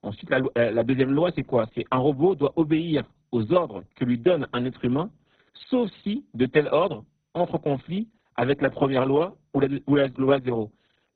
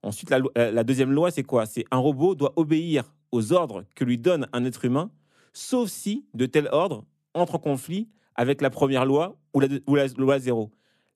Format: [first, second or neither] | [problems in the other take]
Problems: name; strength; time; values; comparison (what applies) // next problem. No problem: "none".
second | garbled, watery; badly; nothing above 4 kHz